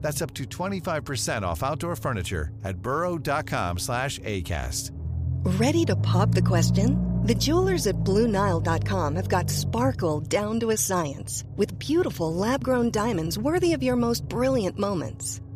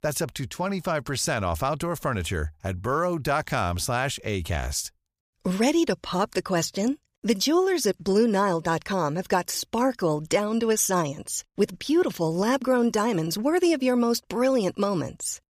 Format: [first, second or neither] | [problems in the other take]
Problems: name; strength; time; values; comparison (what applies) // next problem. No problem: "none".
second | low rumble; noticeable; throughout; 15 dB below the speech